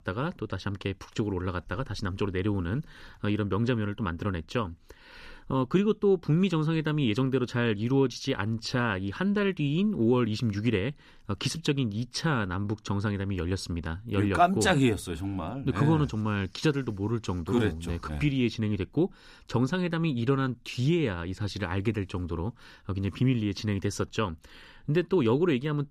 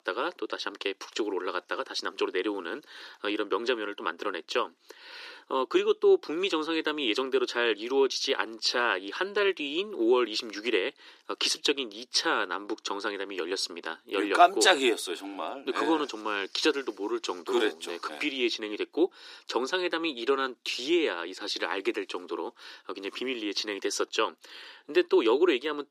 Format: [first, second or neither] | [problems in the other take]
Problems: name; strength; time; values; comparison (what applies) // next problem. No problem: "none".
first | thin; very; fading below 350 Hz